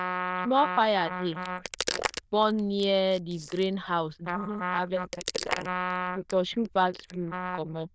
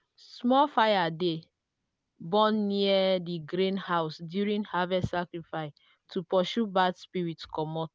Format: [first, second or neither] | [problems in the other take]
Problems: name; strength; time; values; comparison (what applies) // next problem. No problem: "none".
second | noise reduction (neural diffusion model UNIVERSE++)